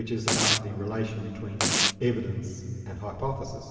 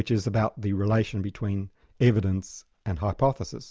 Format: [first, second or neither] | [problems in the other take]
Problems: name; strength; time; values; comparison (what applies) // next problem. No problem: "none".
second | background sound (Domestic sounds, home sounds); 3 dB above the speech // room echo; dies away in 2.7 s